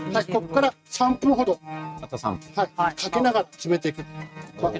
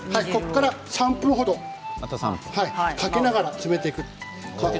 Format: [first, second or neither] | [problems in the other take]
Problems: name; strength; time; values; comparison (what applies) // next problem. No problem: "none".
second | noise reduction (neural mask model RNNoise)